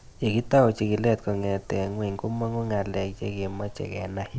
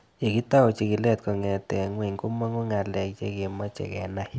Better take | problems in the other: second | background sound (Wind); 18 dB below the speech

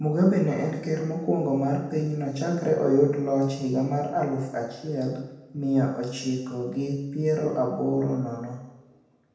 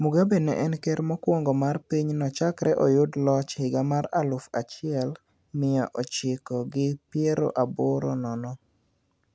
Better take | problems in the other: second | room echo; dies away in 0.9 s

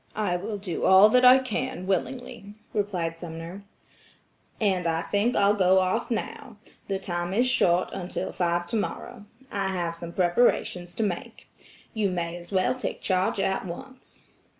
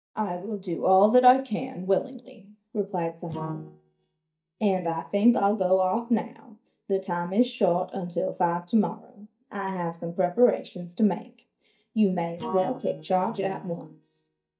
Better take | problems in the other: first | noise reduction (neural mask model DeepFilterNet 3)

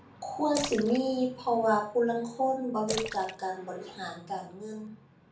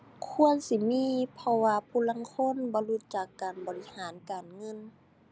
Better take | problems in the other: second | background sound (Splash, splatter); 12 dB below the speech // room echo; dies away in 0.4 s

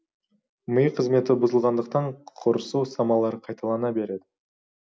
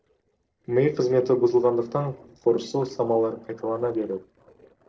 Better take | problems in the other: first | noise reduction (neural separator model SepFormer DNS4)

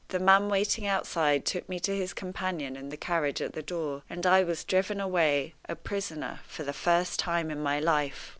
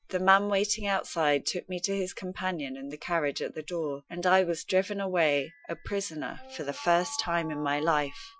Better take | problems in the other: first | noise reduction (classical method Wiener filter)

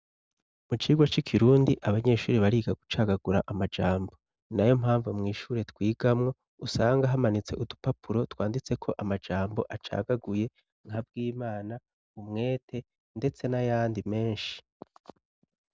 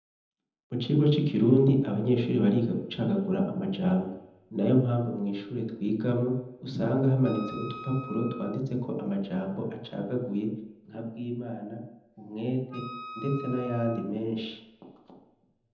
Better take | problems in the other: first | background sound (Wind instrument, woodwind instrument); 16 dB below the speech // room echo; dies away in 0.8 s

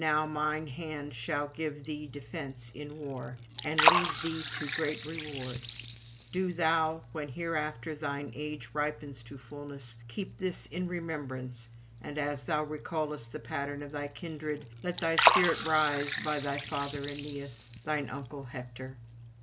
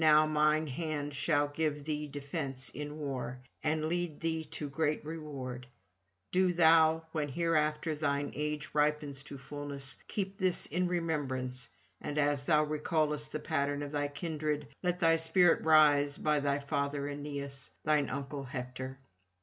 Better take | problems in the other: second | background sound (Liquid); 2 dB below the speech

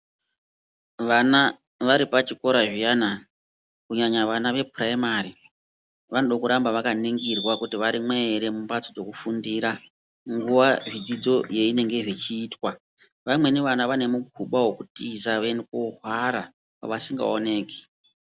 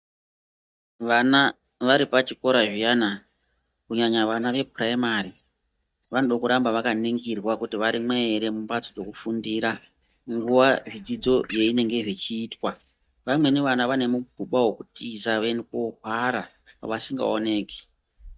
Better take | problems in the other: first | noise reduction (neural mask model DeepFilterNet 3)

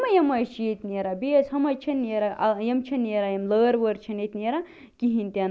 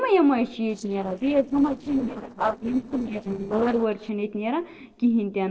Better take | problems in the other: first | noise reduction (neural separator model SepFormer DNS4)

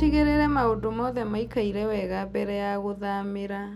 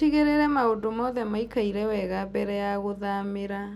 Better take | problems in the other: second | background sound (Bowed string instrument); 11 dB below the speech

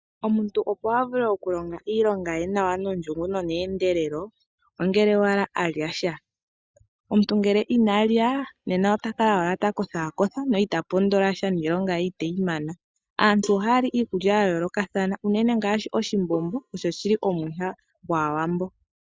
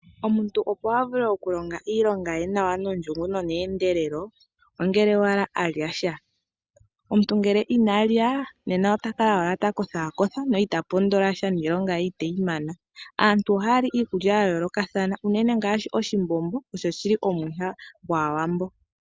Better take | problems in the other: second | noise reduction (neural mask model DeepFilterNet 3)

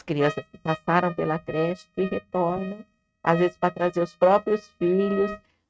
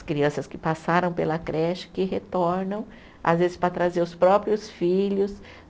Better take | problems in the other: second | noise reduction (neural mask model RNNoise)

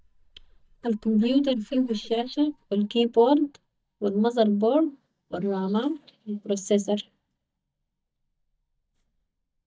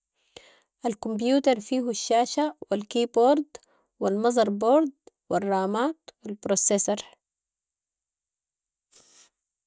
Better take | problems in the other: second | noise reduction (neural mask model DeepFilterNet 3)

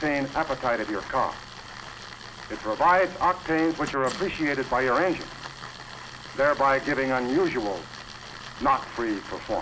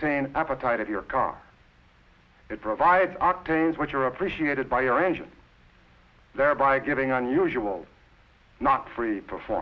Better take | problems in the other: second | background sound (Tools); 14 dB below the speech

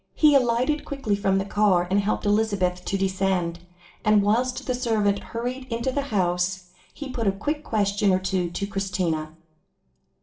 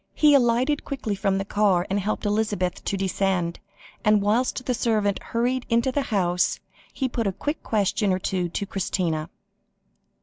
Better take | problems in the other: second | room echo; dies away in 0.3 s

